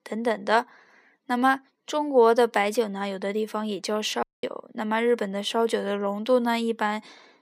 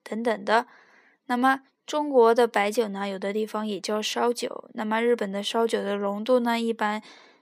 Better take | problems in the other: second | audio cutting out; at 4 s

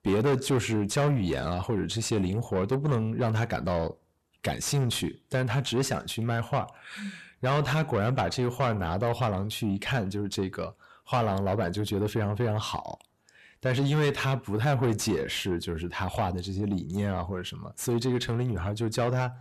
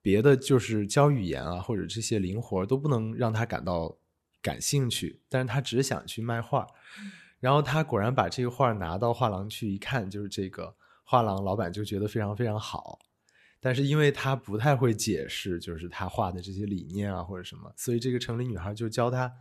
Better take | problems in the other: second | distortion; heavy; 8 dB below the speech

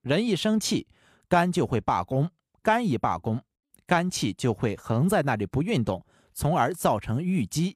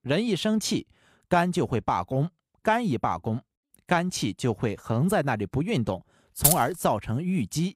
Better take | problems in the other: first | jangling keys; loud; at 6.5 s; peak 5 dB above the speech

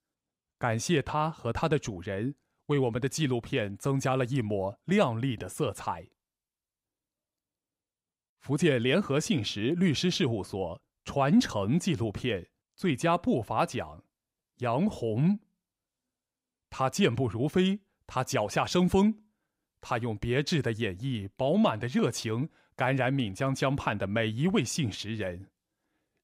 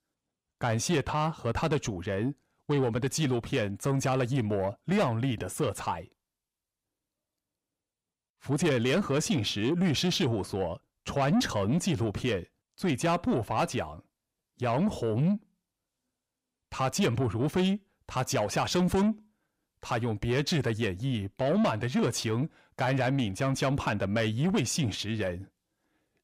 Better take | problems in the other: first | distortion; slight; 10 dB below the speech

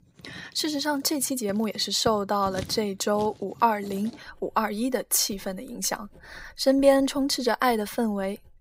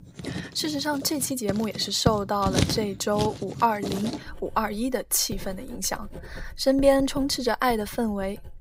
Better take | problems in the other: first | household noises; loud; throughout; 8 dB below the speech; faint in the first

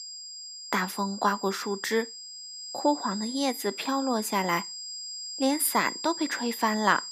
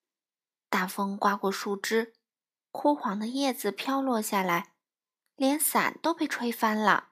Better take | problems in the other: second | high-pitched whine; loud; throughout; 5 kHz, 9 dB below the speech

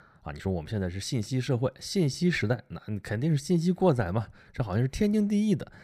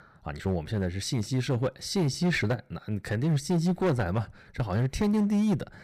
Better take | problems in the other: first | distortion; slight; 9% of the sound clipped

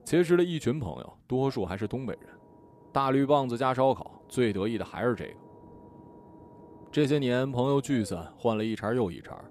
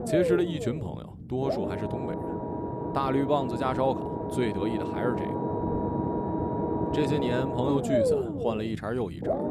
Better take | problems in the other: first | low rumble; loud; throughout; as loud as the speech; faint in the first

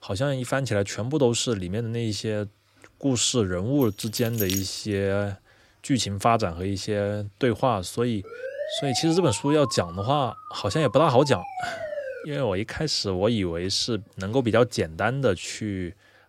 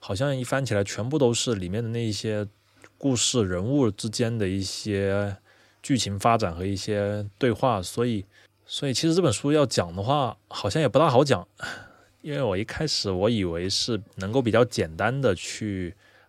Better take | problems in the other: second | jangling keys; noticeable; at 4 s; peak 4 dB below the speech // siren; noticeable; from 8 to 12 s; peak 7 dB below the speech

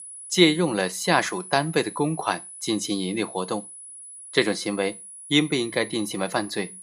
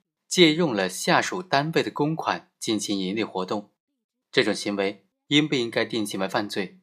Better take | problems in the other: second | high-pitched whine; noticeable; throughout; 10 kHz, 15 dB below the speech

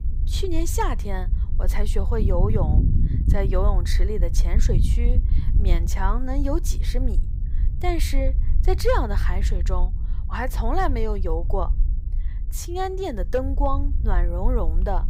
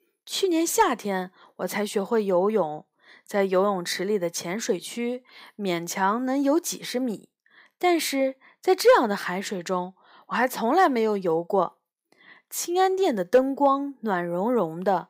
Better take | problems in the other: second | low rumble; noticeable; throughout; 15 dB below the speech

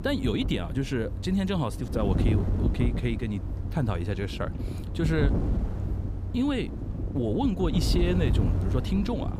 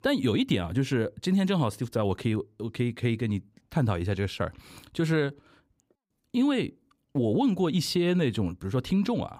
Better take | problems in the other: second | wind noise on the microphone; heavy; 7 dB below the speech

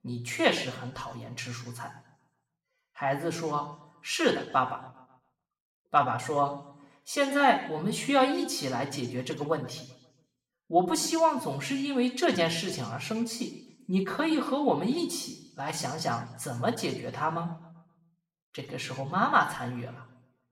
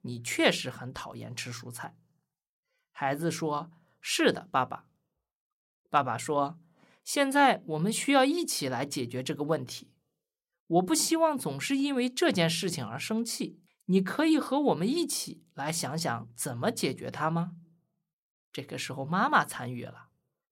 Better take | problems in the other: second | room echo; slight; dies away in 0.7 s // off-mic speech; somewhat distant

